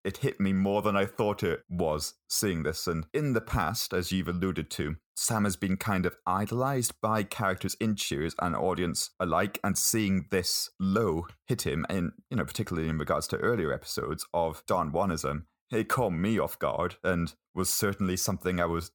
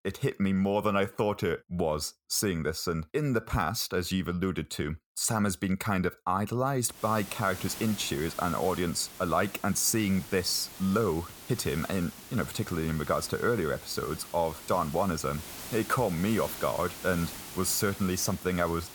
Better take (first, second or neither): first